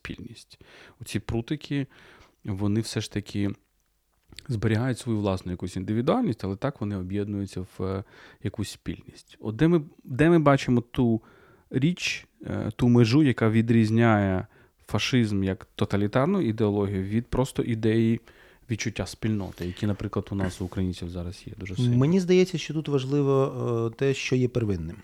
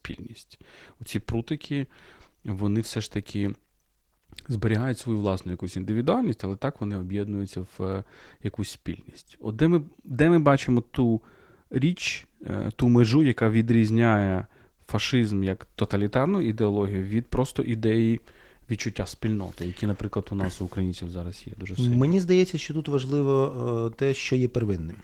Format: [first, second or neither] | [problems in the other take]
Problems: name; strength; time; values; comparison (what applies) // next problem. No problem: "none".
first | garbled, watery; slightly